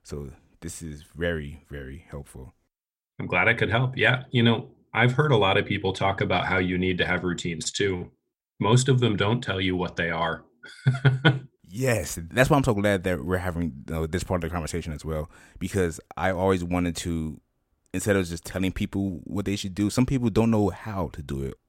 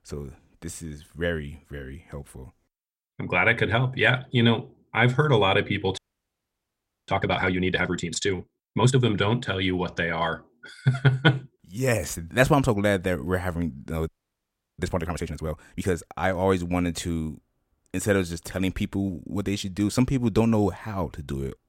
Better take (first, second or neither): first